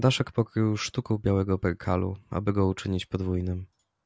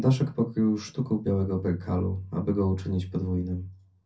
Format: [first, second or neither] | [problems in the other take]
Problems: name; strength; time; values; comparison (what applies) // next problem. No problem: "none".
first | room echo; dies away in 0.3 s